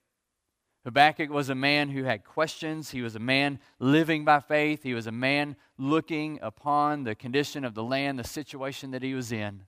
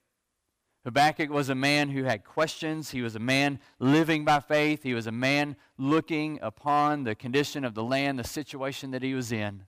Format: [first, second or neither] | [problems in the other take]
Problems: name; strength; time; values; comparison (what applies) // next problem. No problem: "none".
first | distortion; slight; 3% of the sound clipped